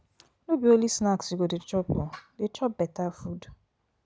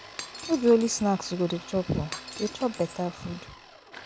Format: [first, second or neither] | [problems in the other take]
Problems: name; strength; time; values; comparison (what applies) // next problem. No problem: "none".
first | background sound (Shatter + Domestic sounds, home sounds); 14 dB below the speech